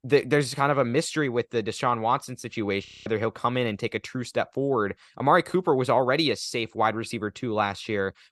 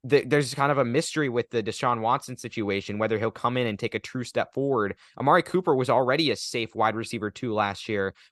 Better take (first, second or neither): second